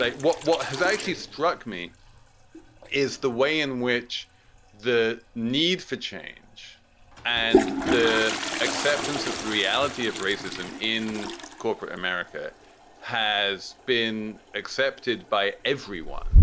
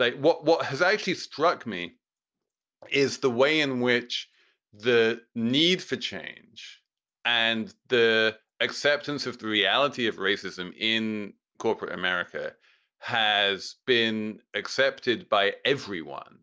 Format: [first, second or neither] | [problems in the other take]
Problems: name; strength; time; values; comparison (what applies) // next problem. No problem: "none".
second | background sound (Toilet flush); 2 dB below the speech